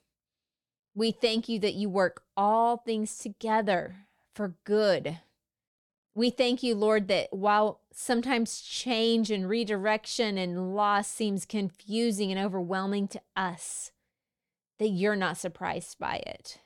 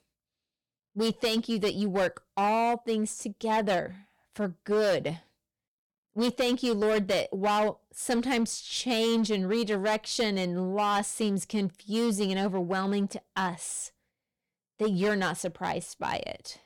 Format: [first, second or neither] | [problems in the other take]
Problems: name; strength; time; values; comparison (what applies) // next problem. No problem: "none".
first | distortion; slight; 9% of the sound clipped